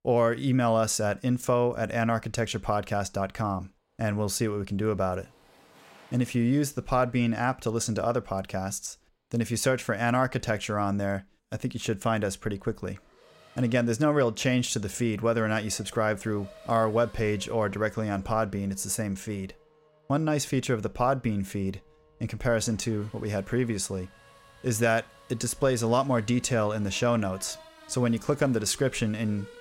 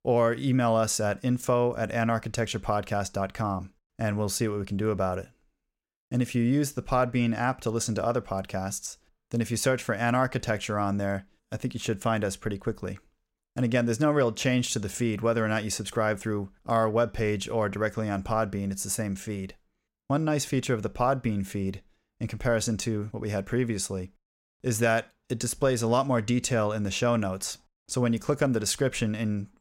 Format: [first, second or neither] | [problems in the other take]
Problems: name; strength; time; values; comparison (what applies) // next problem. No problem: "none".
second | traffic noise; faint; throughout; 25 dB below the speech